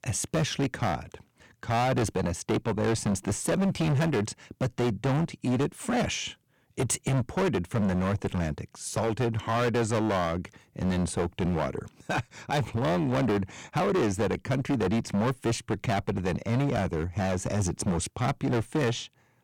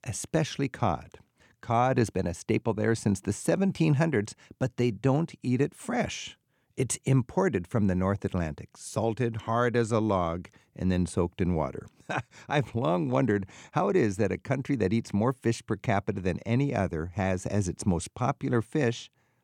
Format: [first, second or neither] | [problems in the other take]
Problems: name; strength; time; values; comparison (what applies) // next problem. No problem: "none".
second | distortion; heavy; 18% of the sound clipped